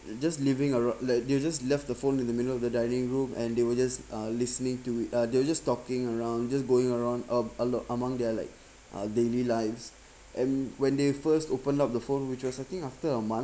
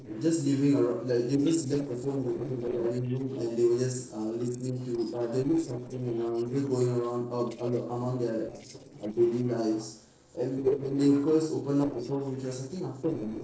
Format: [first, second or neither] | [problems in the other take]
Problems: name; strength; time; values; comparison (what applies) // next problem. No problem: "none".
first | noise reduction (neural separator model SepFormer DNS4)